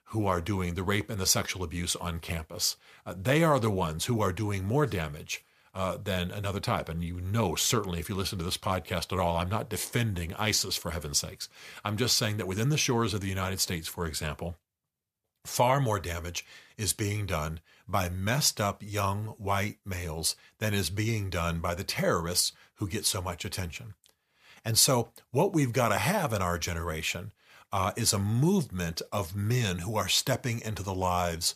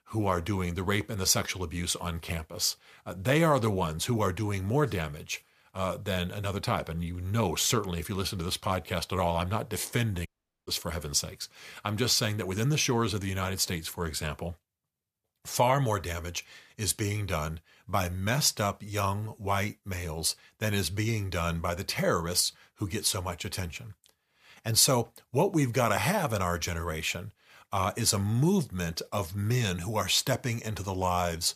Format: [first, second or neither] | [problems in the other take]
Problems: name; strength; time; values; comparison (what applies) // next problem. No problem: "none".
first | audio cutting out; at 10 s